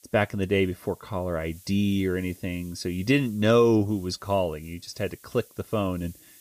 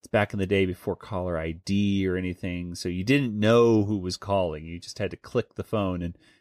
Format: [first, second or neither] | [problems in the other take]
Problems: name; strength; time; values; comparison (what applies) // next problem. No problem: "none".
second | hiss; faint; throughout; 25 dB below the speech